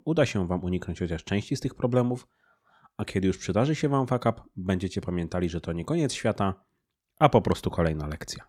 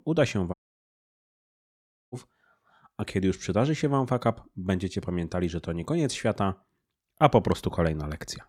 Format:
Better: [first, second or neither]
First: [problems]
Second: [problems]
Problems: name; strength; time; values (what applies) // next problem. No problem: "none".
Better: first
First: none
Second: audio cutting out; at 0.5 s for 1.5 s